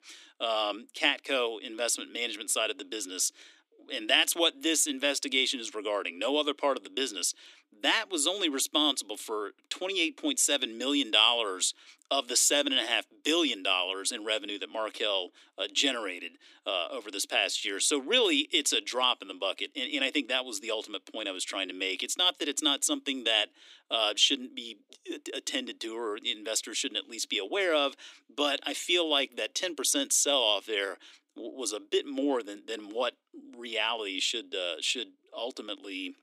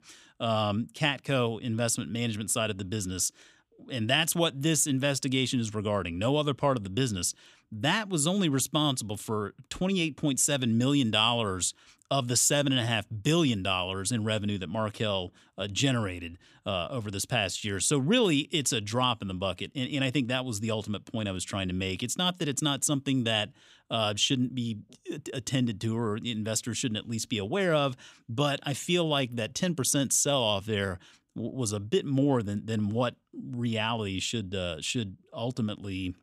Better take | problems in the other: second | thin; somewhat; fading below 300 Hz

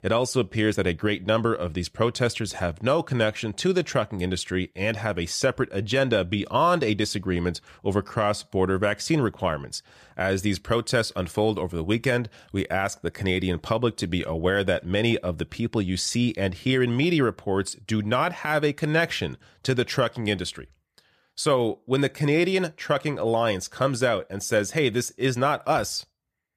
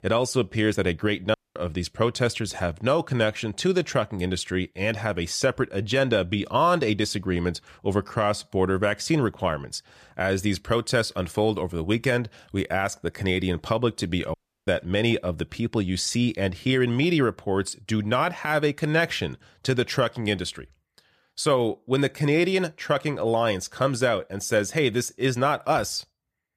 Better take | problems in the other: first | audio cutting out; at 1.5 s and at 14 s

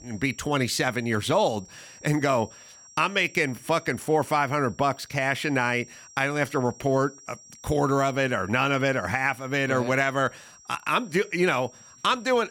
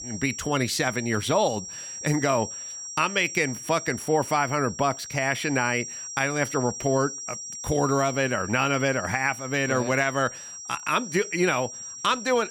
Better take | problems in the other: first | high-pitched whine; loud; throughout; 5.5 kHz, 9 dB below the speech; faint in the first

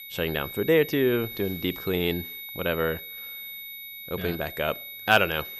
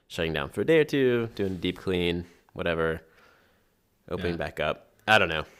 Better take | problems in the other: second | high-pitched whine; noticeable; throughout; 2 kHz, 10 dB below the speech

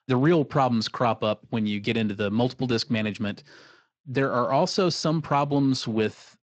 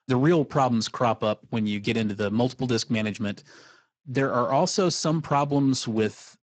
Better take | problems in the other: first | garbled, watery; badly; nothing above 7.5 kHz; slightly in the first

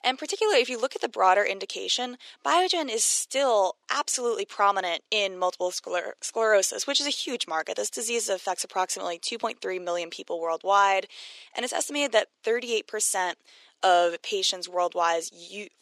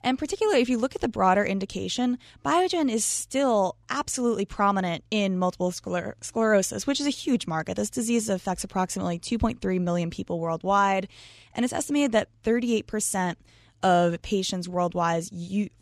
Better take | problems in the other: second | thin; very; fading below 400 Hz

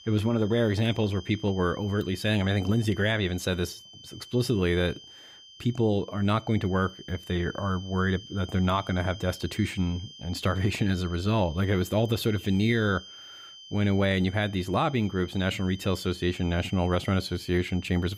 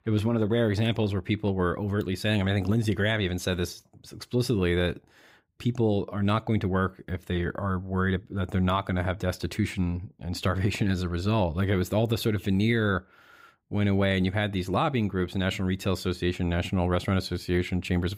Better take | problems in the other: second | high-pitched whine; noticeable; throughout; 3 kHz, 20 dB below the speech

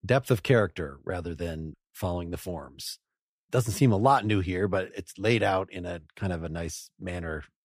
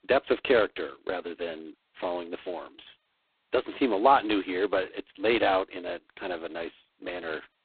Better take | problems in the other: first | phone-call audio; poor line; nothing above 4 kHz

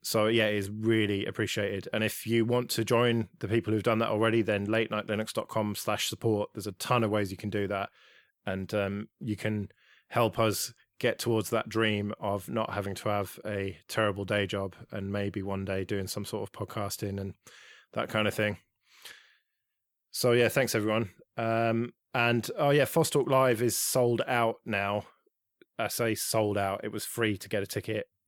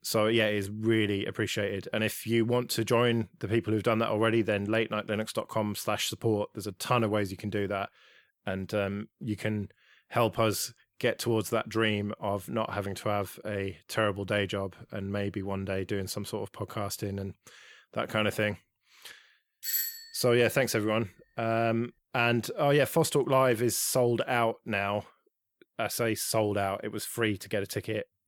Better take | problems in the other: first | doorbell; loud; at 20 s; peak level with the speech

